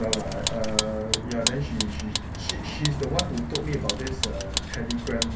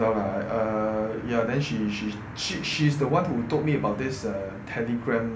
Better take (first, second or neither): second